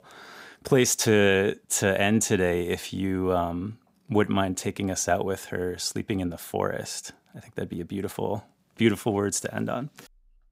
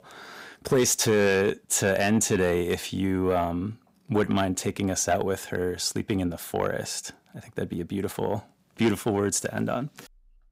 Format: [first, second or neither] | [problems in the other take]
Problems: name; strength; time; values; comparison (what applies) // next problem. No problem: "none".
first | distortion; slight; 10 dB below the speech